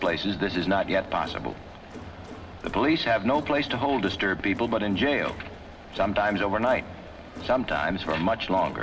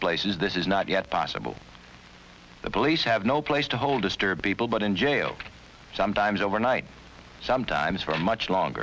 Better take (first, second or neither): second